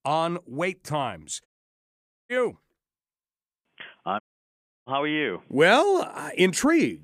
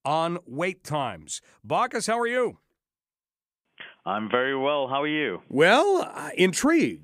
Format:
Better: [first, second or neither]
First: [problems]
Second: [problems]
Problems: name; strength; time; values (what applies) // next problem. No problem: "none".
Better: second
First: audio cutting out; at 1.5 s for 1 s and at 4 s for 0.5 s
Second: none